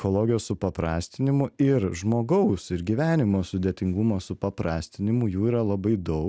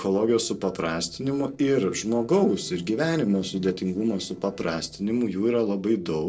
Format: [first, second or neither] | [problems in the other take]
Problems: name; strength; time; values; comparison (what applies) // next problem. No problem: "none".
first | noise reduction (neural separator model SepFormer DNS4)